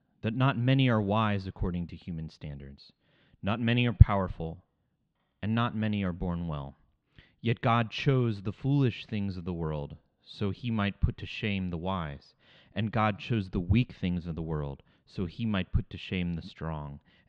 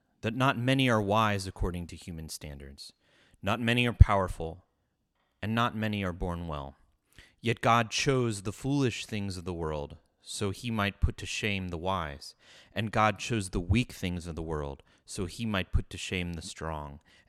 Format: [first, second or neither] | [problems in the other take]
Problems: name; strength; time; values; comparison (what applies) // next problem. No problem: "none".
second | muffled; slightly; fading above 3.5 kHz